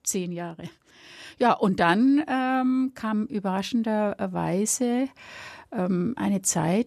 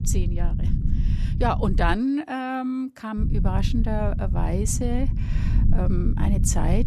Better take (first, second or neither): first